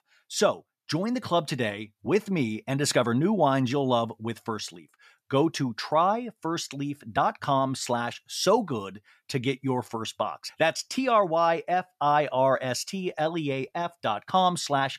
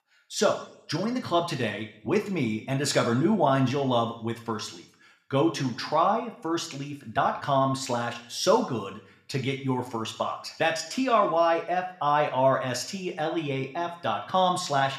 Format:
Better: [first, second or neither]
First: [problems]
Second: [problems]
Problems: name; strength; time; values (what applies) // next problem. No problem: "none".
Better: first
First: none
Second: room echo; very slight; dies away in 0.6 s